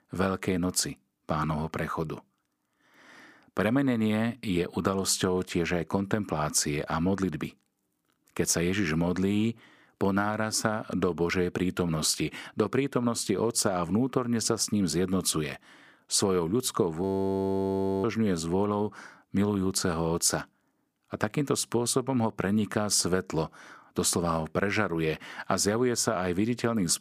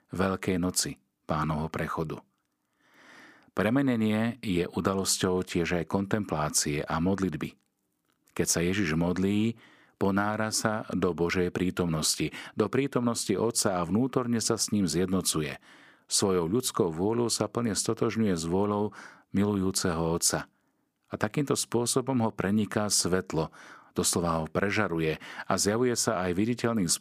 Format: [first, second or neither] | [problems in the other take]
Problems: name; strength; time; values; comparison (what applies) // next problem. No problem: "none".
second | audio freezing; at 17 s for 1 s